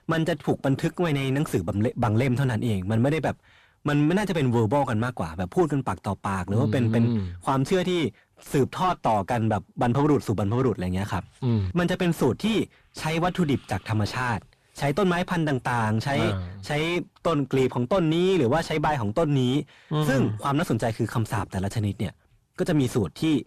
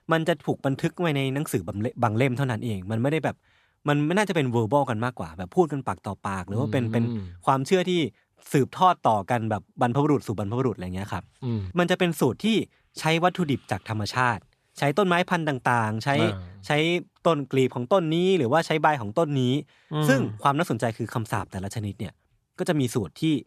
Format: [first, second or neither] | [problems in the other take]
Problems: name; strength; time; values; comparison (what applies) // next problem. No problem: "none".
second | distortion; heavy; 6 dB below the speech